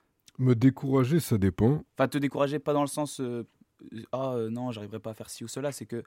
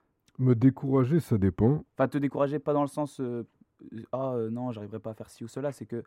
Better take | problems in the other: first | muffled; slightly; fading above 2 kHz

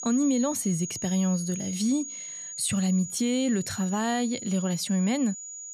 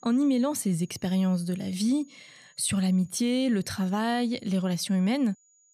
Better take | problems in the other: second | high-pitched whine; loud; throughout; 6.5 kHz, 8 dB below the speech; faint in the second

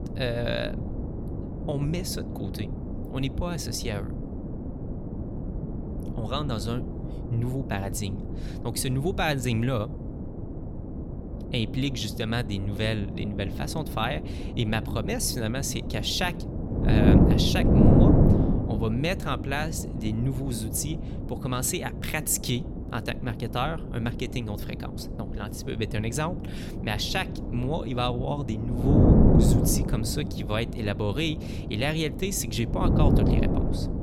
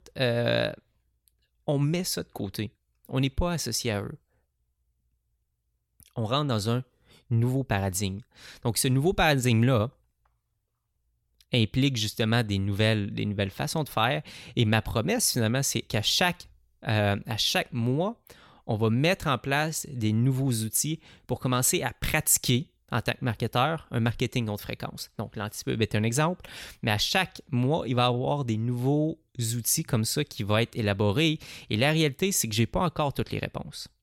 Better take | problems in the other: second | wind noise on the microphone; heavy; 3 dB below the speech

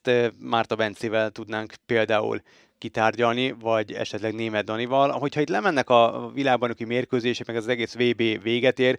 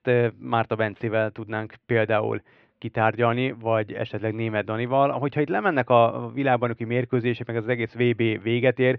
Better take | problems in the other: first | muffled; very; fading above 3 kHz

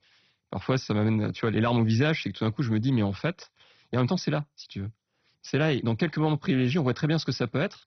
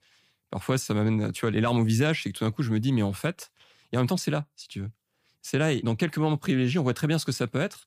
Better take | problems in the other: second | garbled, watery; badly; nothing above 6 kHz

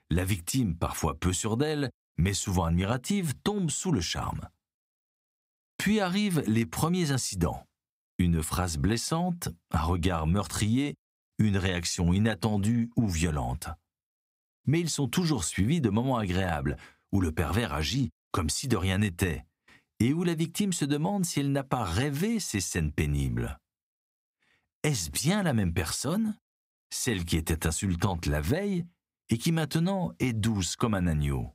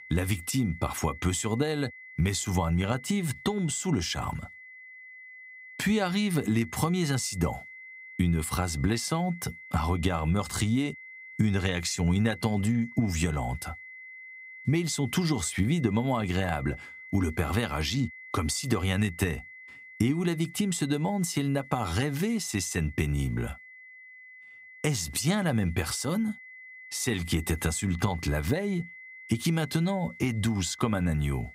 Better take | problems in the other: first | high-pitched whine; noticeable; throughout; 2 kHz, 15 dB below the speech

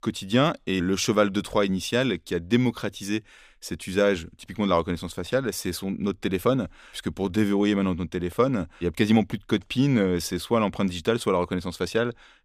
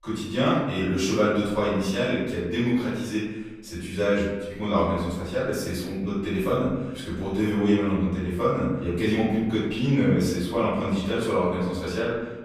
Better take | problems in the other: first | room echo; noticeable; dies away in 1 s // off-mic speech; far

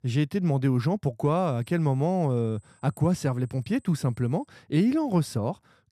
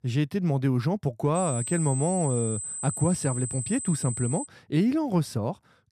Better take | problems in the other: first | high-pitched whine; loud; from 1.5 to 4.5 s; 8 kHz, 5 dB below the speech; faint in the first

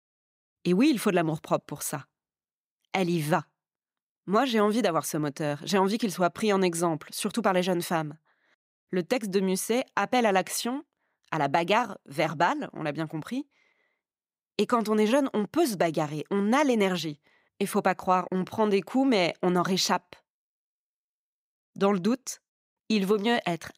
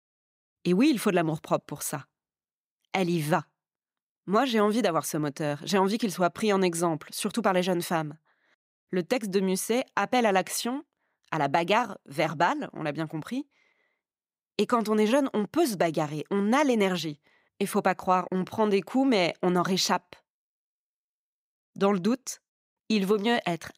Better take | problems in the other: neither | none

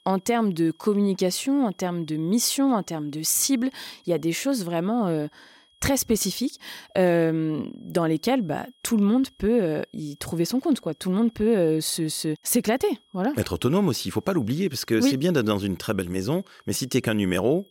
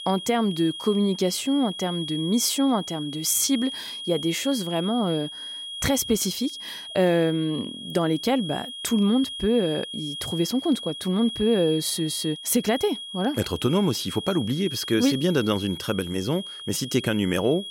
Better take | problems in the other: first | high-pitched whine; loud; throughout; 3.5 kHz, 9 dB below the speech; faint in the first

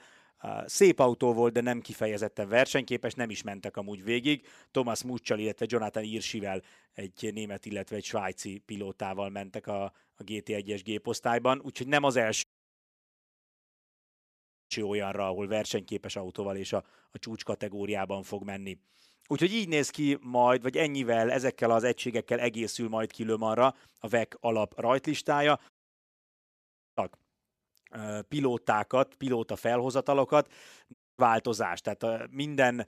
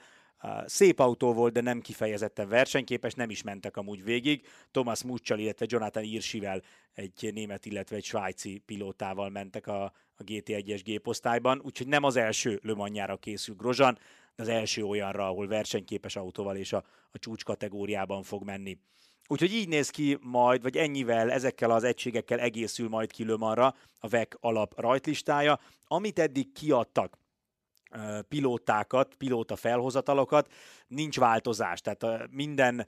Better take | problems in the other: second | audio cutting out; at 12 s for 2.5 s, at 26 s for 1.5 s and at 31 s

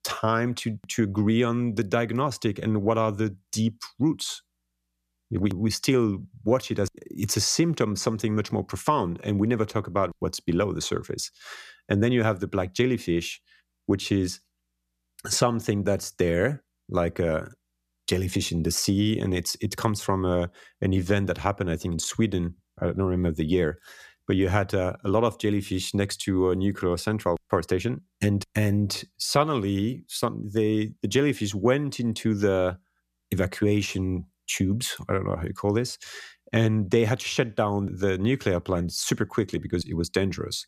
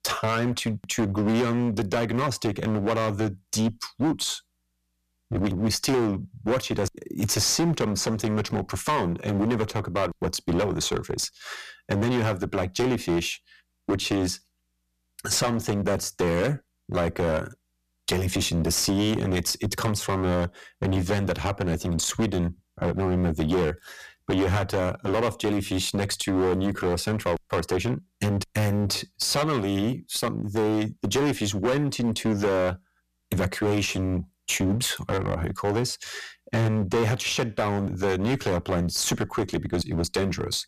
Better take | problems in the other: first | distortion; heavy; 14% of the sound clipped

